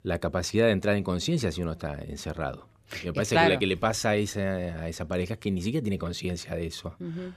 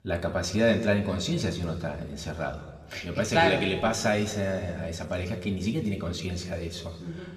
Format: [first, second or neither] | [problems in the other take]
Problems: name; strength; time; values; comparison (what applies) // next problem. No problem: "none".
first | room echo; slight; dies away in 1.5 s